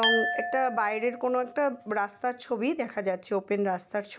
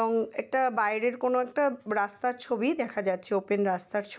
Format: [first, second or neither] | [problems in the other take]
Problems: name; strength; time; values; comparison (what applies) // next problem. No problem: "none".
second | background sound (Glass); 6 dB below the speech